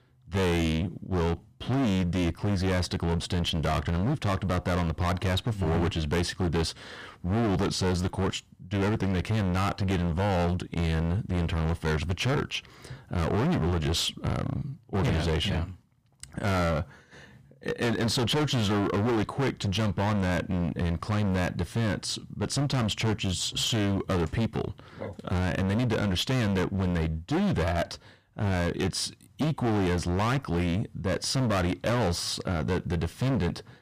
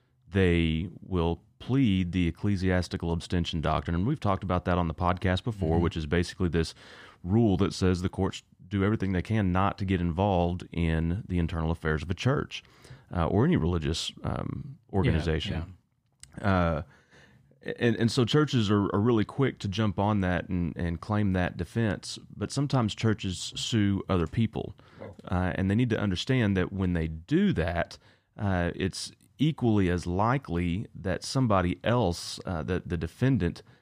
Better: second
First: distortion; heavy; 25% of the sound clipped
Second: none

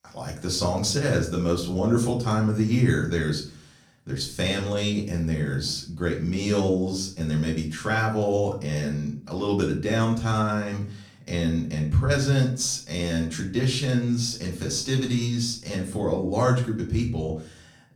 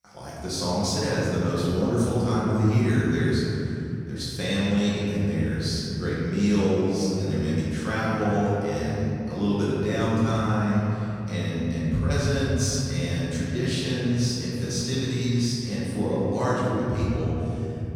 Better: first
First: room echo; slight; dies away in 0.4 s // off-mic speech; far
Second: room echo; strong; dies away in 3 s // off-mic speech; far

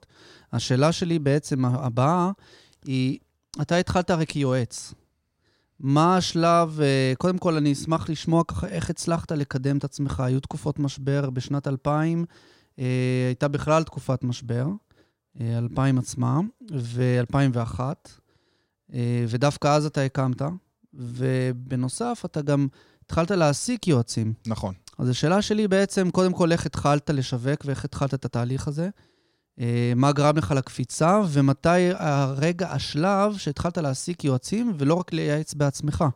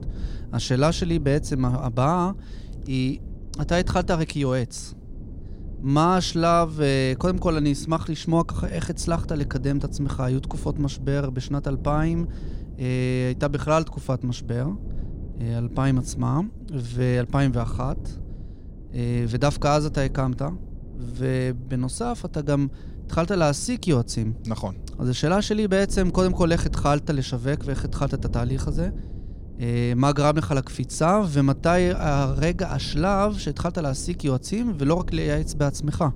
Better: first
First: none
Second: low rumble; faint; throughout; 20 dB below the speech

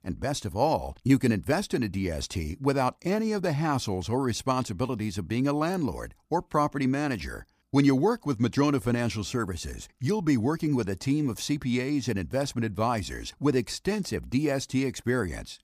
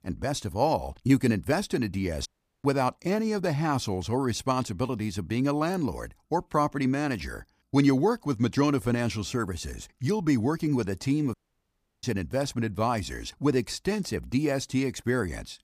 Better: first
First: none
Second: audio cutting out; at 2.5 s and at 11 s for 0.5 s

